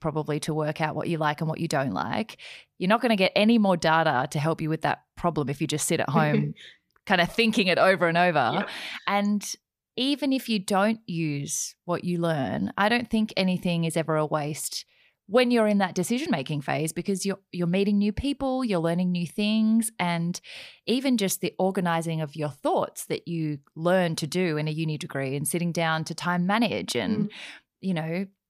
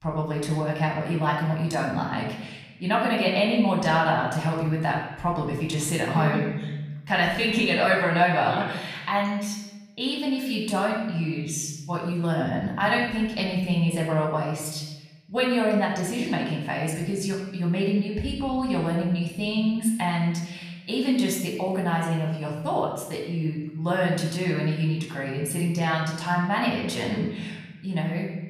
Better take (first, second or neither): first